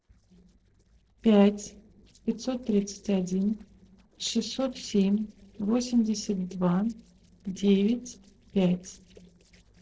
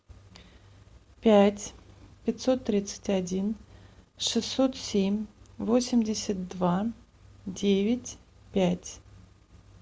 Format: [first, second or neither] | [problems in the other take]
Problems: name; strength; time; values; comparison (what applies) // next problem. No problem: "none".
second | noise reduction (neural separator model SepFormer DNS4)